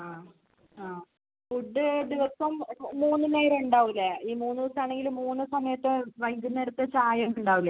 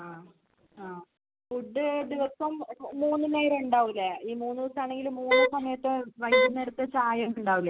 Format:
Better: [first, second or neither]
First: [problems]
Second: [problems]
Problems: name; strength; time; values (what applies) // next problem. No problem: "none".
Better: first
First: none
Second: background sound (Wind instrument, woodwind instrument); 4 dB above the speech